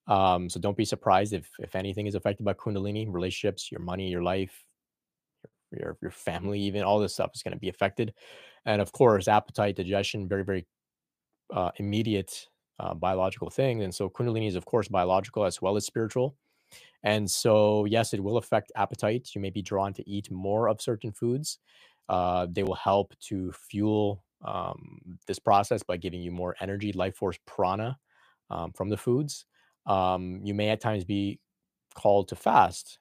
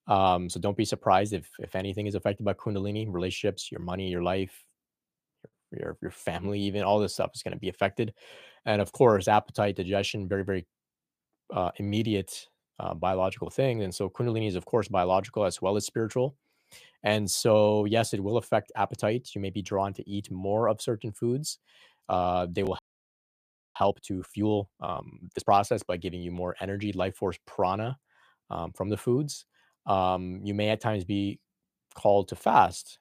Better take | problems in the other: first | audio freezing; at 23 s for 1 s

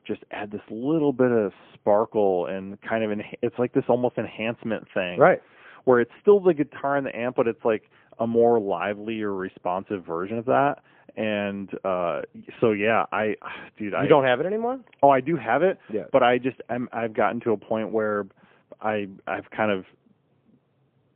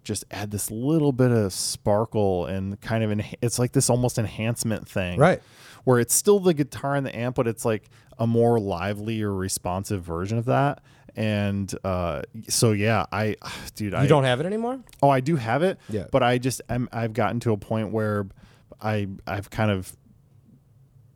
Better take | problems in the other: second | phone-call audio; poor line; nothing above 3 kHz

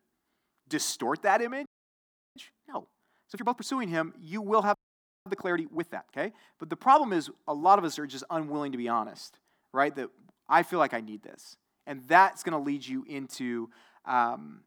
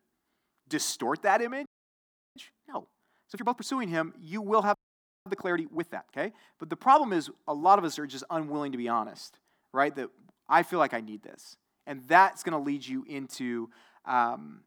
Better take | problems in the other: neither | audio freezing; at 1.5 s for 0.5 s and at 4.5 s for 0.5 s; the same in both

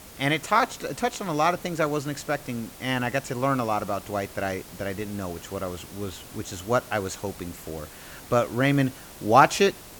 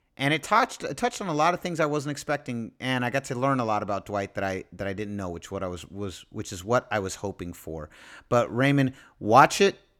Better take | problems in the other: second | hiss; noticeable; throughout; 15 dB below the speech

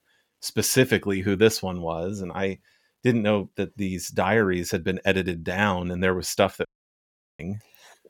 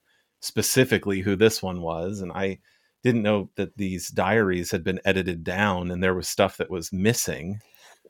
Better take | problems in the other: second | audio cutting out; at 6.5 s for 0.5 s

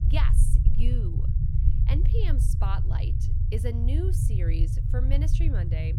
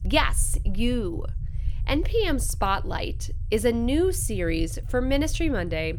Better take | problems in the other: second | low rumble; loud; throughout; 3 dB below the speech; faint in the second

